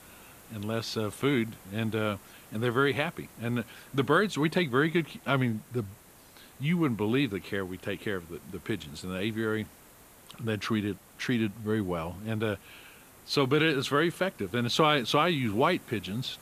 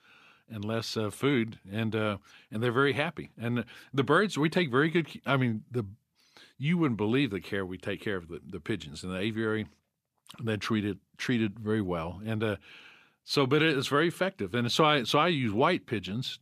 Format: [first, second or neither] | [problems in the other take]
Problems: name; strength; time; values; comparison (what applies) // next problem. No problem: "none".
second | hiss; faint; throughout; 25 dB below the speech